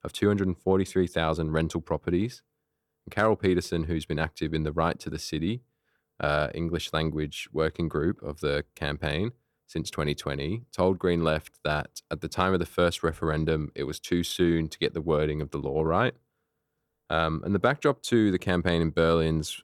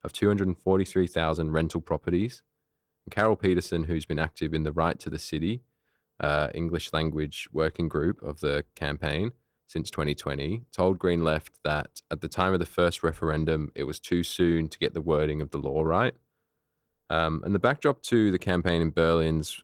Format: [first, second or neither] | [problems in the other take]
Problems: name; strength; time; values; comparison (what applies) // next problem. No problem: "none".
first | garbled, watery; slightly; nothing above 18.5 kHz